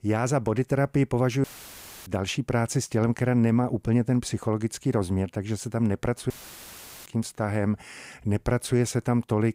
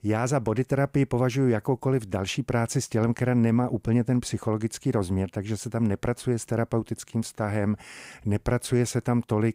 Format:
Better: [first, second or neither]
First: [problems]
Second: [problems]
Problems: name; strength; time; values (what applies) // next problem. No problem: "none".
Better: second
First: audio cutting out; filled with static; at 1.5 s for 0.5 s and at 6.5 s for 1 s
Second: none